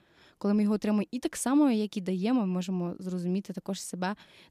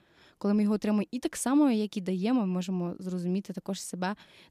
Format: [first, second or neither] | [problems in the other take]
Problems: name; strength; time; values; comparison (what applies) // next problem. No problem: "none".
neither | none